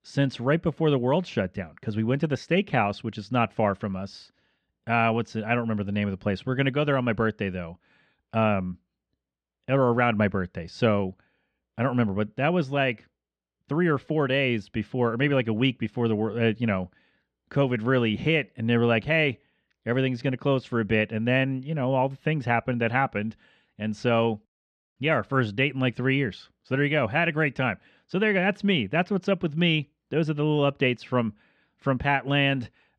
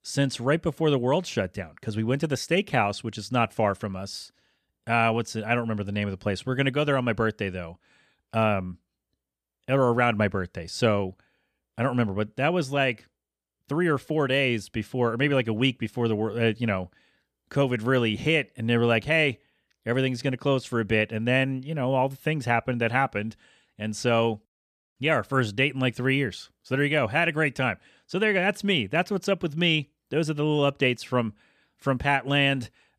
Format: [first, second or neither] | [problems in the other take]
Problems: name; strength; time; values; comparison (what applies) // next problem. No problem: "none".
second | muffled; slightly; fading above 3.5 kHz